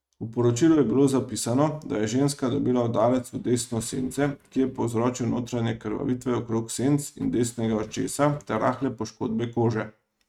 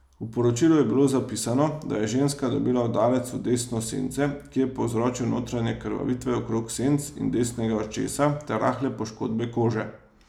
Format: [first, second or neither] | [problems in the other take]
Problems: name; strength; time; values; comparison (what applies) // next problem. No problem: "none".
second | noise reduction (neural mask model RNNoise)